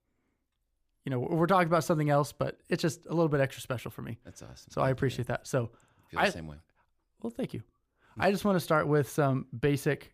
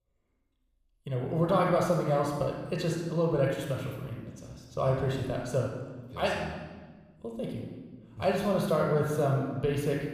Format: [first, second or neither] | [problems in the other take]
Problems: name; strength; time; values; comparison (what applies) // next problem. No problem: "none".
first | off-mic speech; somewhat distant // room echo; noticeable; dies away in 1.1 s